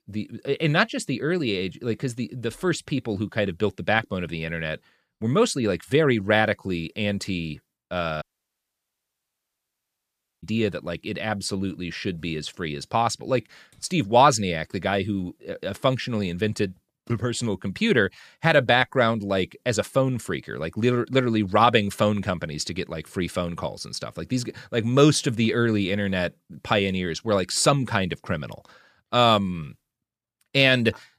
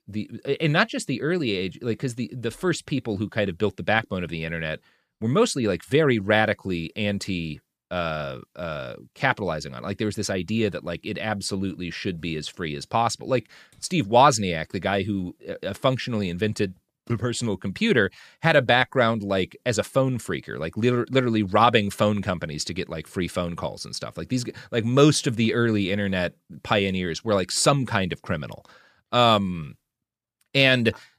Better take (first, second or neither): second